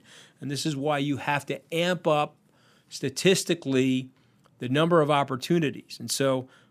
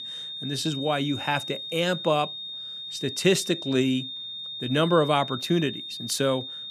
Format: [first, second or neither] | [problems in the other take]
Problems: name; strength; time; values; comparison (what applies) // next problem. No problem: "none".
first | high-pitched whine; loud; throughout; 3.5 kHz, 8 dB below the speech